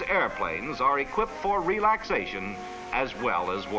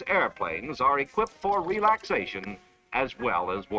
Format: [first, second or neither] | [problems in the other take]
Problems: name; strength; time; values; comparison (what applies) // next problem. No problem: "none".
first | noise reduction (neural mask model RNNoise)